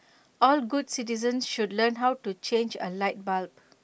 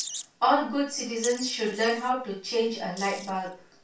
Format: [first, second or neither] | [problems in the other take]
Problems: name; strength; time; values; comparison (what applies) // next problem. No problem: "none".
first | background sound (Wild animals); 14 dB below the speech // room echo; dies away in 0.3 s